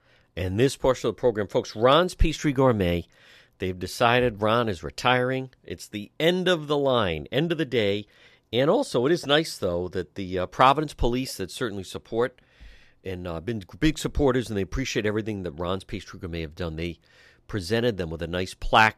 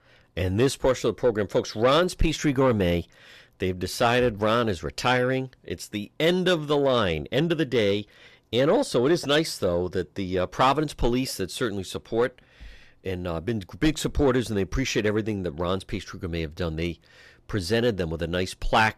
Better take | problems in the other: first | distortion; slight; 10 dB below the speech

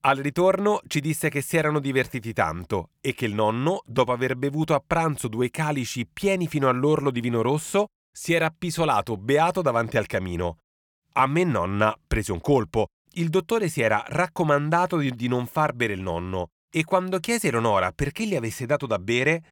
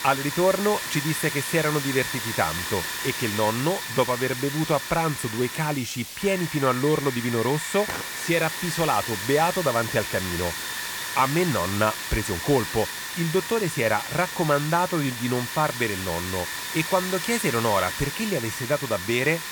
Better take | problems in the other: first | hiss; loud; throughout; 5 dB below the speech

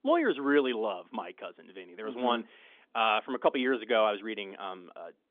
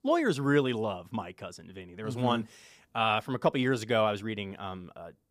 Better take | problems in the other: second | phone-call audio; nothing above 3.5 kHz

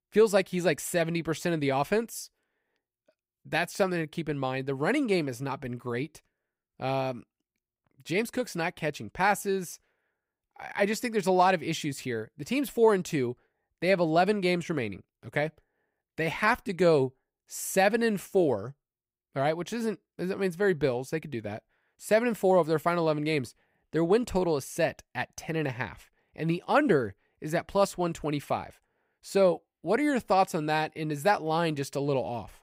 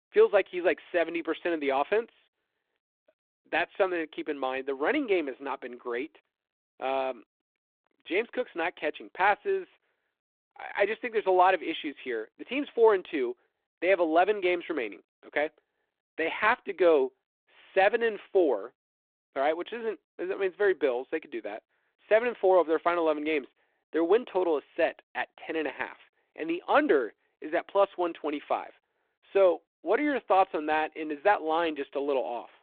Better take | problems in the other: first | phone-call audio; nothing above 3.5 kHz

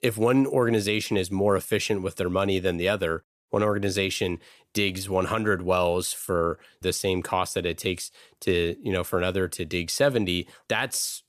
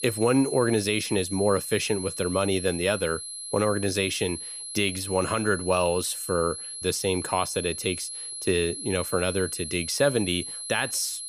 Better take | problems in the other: first | high-pitched whine; loud; throughout; 11 kHz, 7 dB below the speech

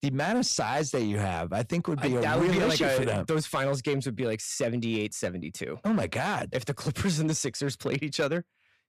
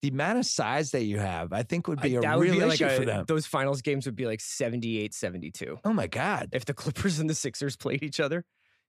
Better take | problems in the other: second | distortion; slight; 8% of the sound clipped

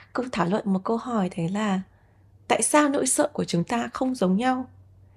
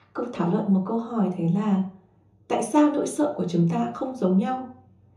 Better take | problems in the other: first | room echo; slight; dies away in 0.6 s // off-mic speech; somewhat distant

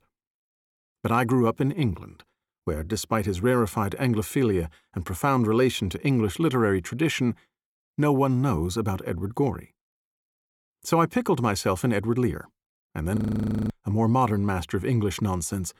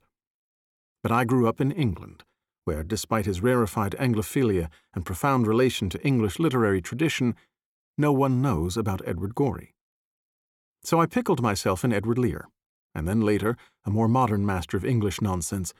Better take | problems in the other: second | audio freezing; at 13 s for 0.5 s

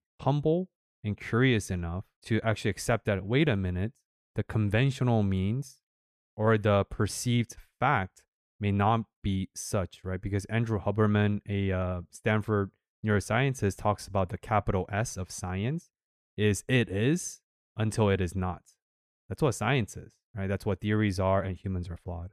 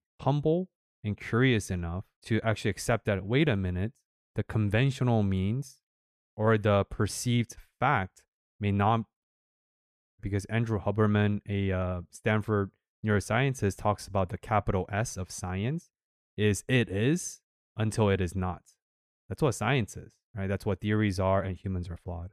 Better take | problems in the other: first | audio cutting out; at 9 s for 1 s

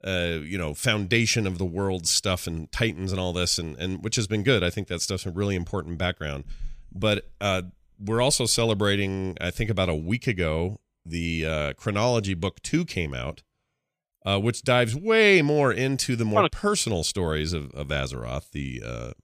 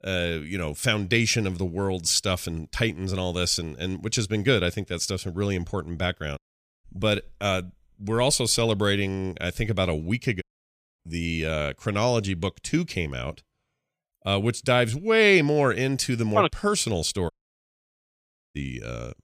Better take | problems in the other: first | audio cutting out; at 6.5 s, at 10 s for 0.5 s and at 17 s for 1 s

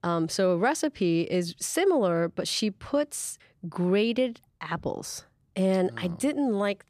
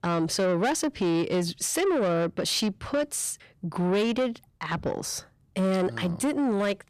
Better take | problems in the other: first | distortion; slight; 10 dB below the speech

